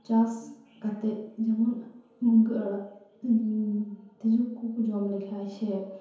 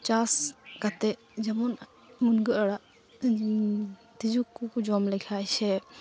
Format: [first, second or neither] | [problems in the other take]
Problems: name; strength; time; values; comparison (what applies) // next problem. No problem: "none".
second | room echo; dies away in 0.9 s